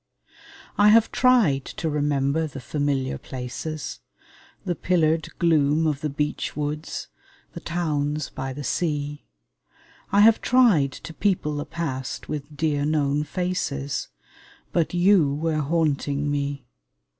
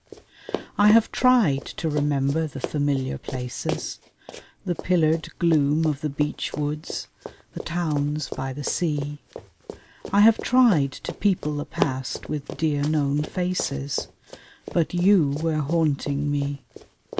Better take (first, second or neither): first